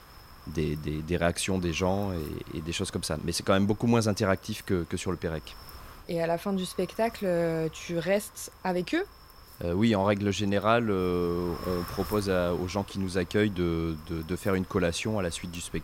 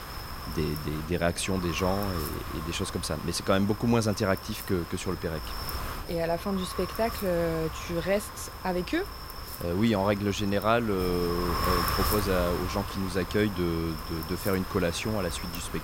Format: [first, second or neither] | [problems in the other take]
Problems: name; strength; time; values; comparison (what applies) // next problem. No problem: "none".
first | wind noise on the microphone; heavy; 5 dB below the speech; occasional gusts in the first